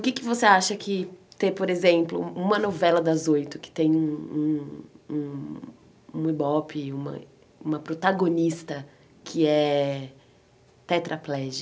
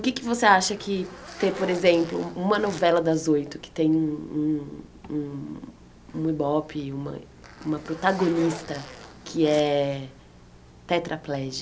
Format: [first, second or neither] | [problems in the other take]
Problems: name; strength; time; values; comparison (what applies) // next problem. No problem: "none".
first | background sound (Zipper (clothing)); 18 dB below the speech